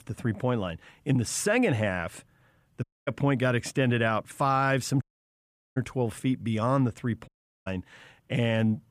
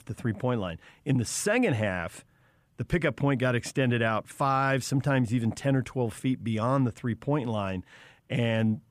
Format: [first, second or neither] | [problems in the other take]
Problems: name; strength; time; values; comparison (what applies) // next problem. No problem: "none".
second | audio cutting out; at 3 s, at 5 s for 0.5 s and at 7.5 s